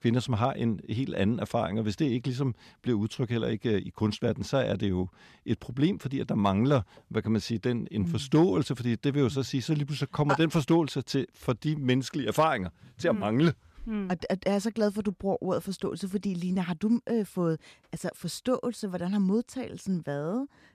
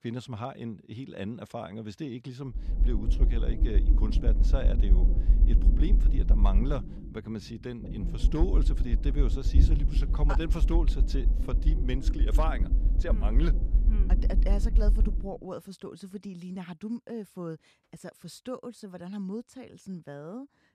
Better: first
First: none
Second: low rumble; loud; from 2.5 to 15 s; 6 dB below the speech

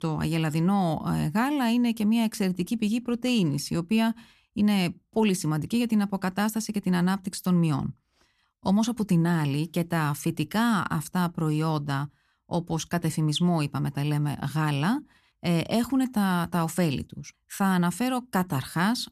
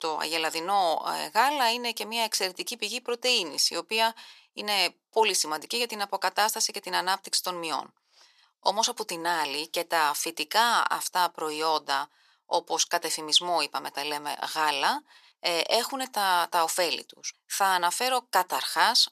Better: first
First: none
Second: thin; very; fading below 500 Hz

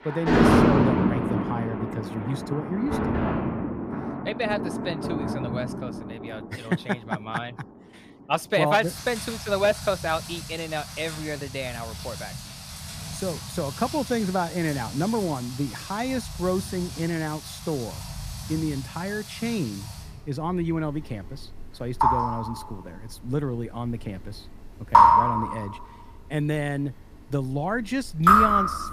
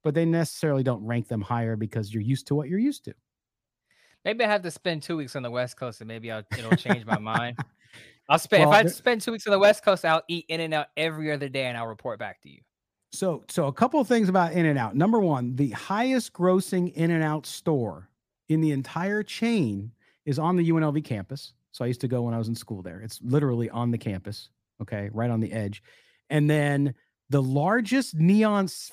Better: second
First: rain or running water; very loud; throughout; 3 dB above the speech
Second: none

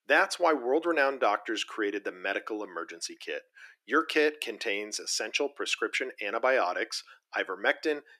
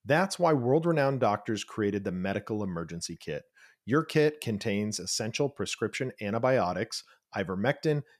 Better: second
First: thin; very; fading below 300 Hz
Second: none

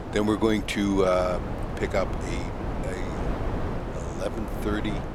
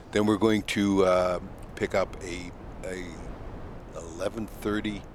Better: second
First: wind noise on the microphone; heavy; 8 dB below the speech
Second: wind noise on the microphone; occasional gusts; 20 dB below the speech

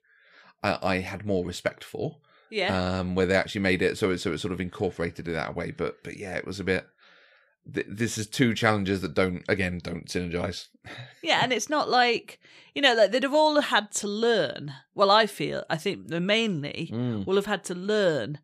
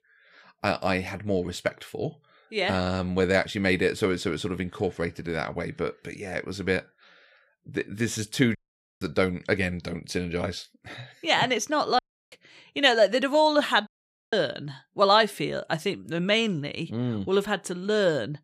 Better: first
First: none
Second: audio cutting out; at 8.5 s, at 12 s and at 14 s

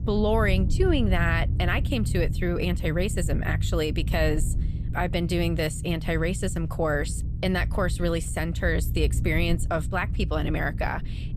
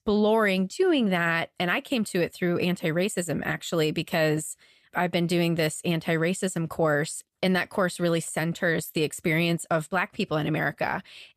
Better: second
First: low rumble; noticeable; throughout; 15 dB below the speech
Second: none

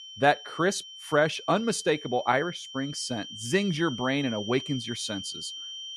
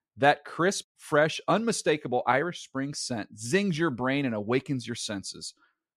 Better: second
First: high-pitched whine; noticeable; throughout; 3 kHz, 10 dB below the speech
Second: none

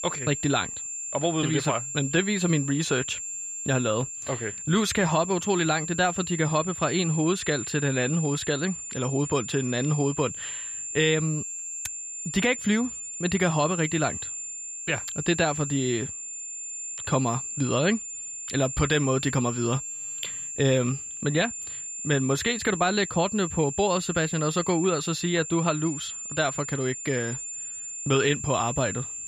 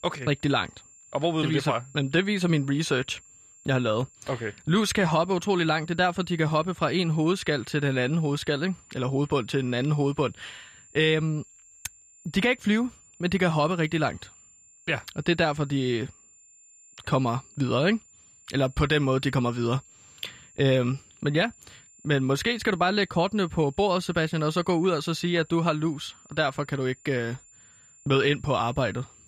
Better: second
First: high-pitched whine; loud; throughout; 7.5 kHz, 6 dB below the speech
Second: high-pitched whine; faint; throughout; 7.5 kHz, 25 dB below the speech

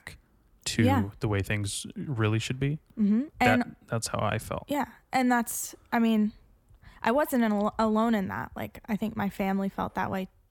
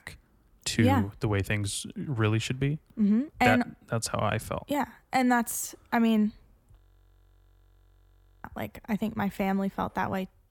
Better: first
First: none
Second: audio freezing; at 7 s for 1.5 s

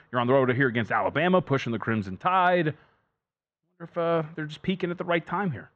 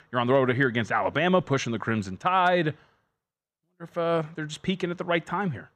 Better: second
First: muffled; slightly; fading above 3 kHz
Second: none

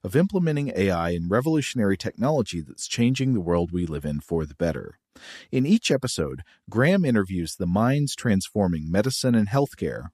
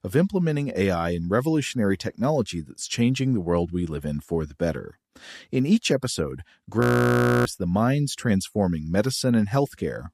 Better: first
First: none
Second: audio freezing; at 7 s for 0.5 s

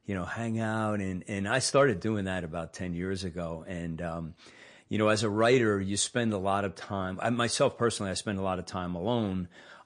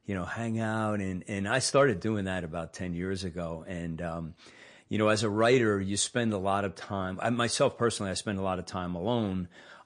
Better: neither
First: garbled, watery; slightly; nothing above 9.5 kHz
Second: garbled, watery; slightly; nothing above 9.5 kHz

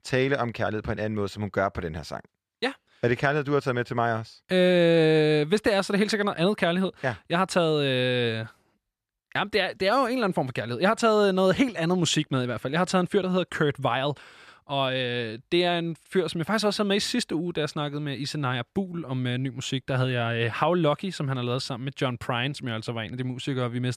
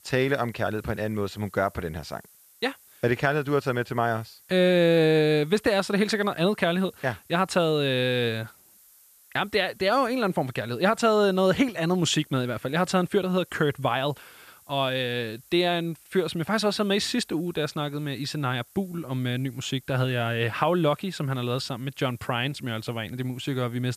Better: first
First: none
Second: hiss; faint; throughout; 25 dB below the speech

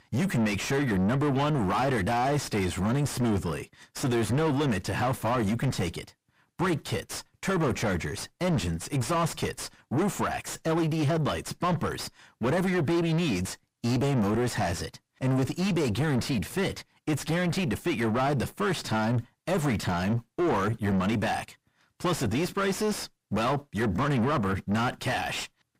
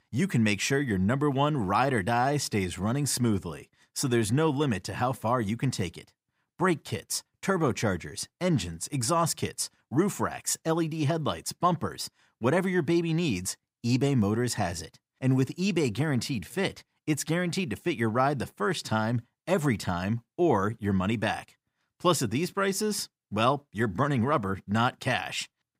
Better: second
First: distortion; heavy; 5 dB below the speech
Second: none

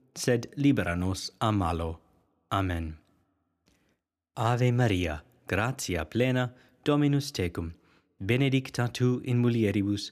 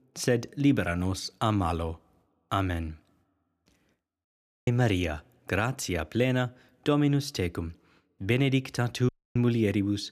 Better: first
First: none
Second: audio cutting out; at 4.5 s and at 9 s

